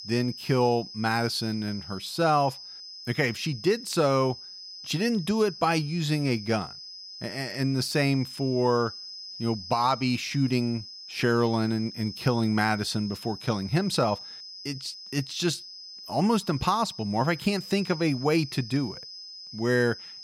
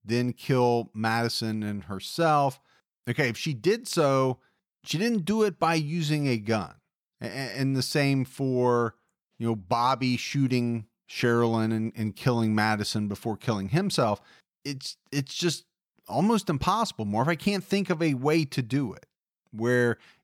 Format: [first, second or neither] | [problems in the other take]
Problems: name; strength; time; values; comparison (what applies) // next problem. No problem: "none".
second | high-pitched whine; noticeable; throughout; 5 kHz, 10 dB below the speech